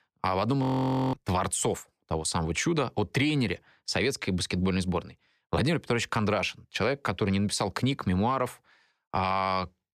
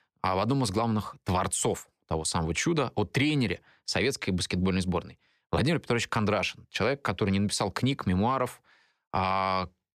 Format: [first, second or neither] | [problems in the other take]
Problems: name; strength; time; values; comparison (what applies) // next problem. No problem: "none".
second | audio freezing; at 0.5 s